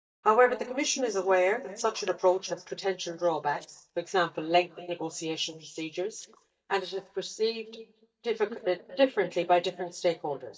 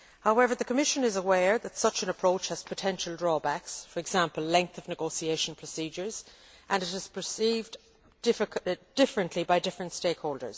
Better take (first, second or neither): second